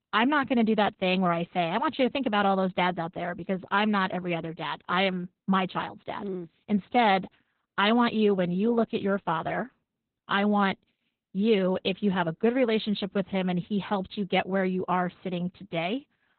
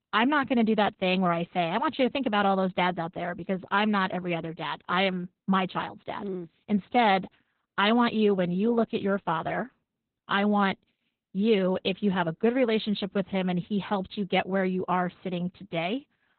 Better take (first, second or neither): neither